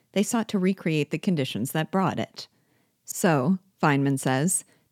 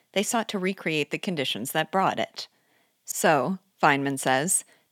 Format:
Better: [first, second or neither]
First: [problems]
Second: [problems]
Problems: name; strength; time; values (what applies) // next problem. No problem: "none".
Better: first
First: none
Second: thin; somewhat; fading below 950 Hz